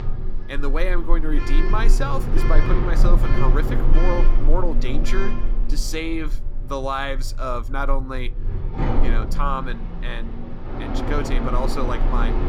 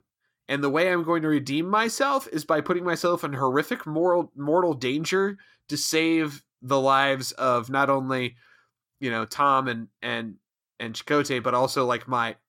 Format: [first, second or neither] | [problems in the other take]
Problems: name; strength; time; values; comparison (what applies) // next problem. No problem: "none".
second | household noises; very loud; throughout; 4 dB above the speech